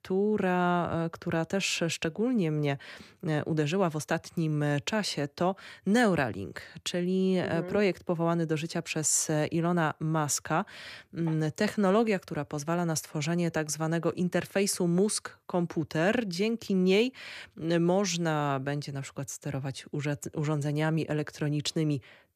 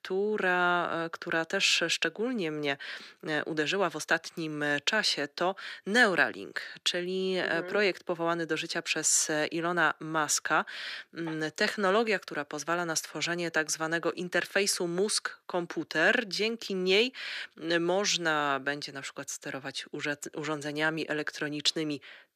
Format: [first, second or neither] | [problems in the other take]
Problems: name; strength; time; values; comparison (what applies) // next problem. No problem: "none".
first | thin; somewhat; fading below 300 Hz